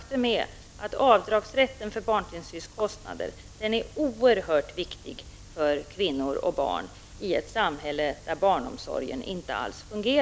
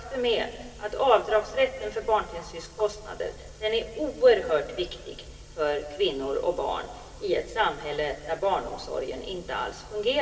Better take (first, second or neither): first